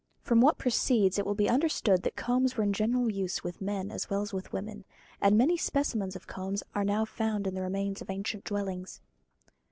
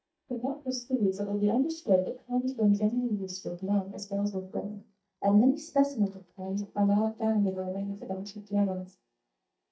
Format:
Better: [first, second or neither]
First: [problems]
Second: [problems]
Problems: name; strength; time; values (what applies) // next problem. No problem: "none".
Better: first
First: none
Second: noise reduction (neural mask model DeepFilterNet 3)